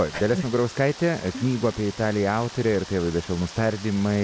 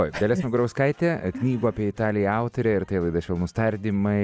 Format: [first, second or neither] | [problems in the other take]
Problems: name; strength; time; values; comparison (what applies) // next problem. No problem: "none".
second | background sound (Rain); 17 dB below the speech